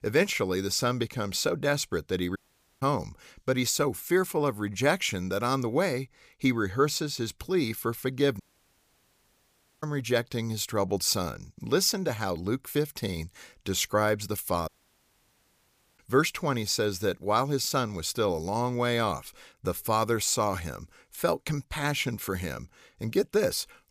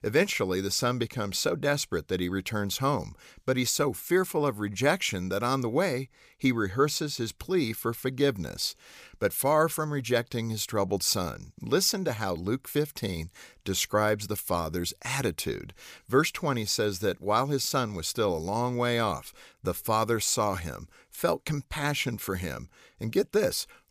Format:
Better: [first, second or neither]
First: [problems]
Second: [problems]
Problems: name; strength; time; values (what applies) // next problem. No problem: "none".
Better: second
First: audio cutting out; at 2.5 s, at 8.5 s for 1.5 s and at 15 s for 1.5 s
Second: none